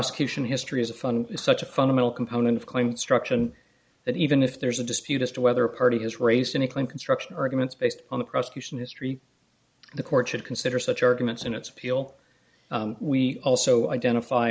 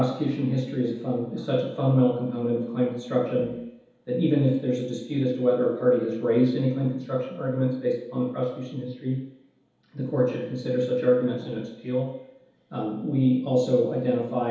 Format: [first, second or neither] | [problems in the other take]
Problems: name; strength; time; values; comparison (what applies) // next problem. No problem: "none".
first | room echo; dies away in 2.2 s